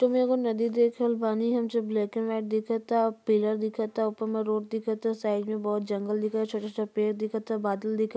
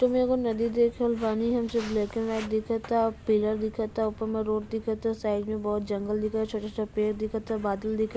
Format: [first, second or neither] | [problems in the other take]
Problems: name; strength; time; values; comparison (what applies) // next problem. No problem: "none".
first | background sound (Walk, footsteps); 18 dB below the speech